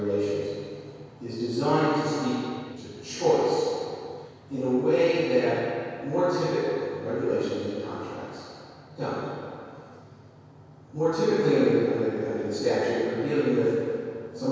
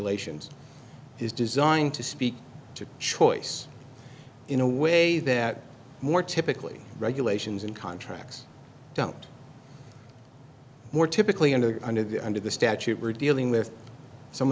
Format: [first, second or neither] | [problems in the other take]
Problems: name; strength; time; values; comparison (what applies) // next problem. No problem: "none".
second | room echo; dies away in 2.2 s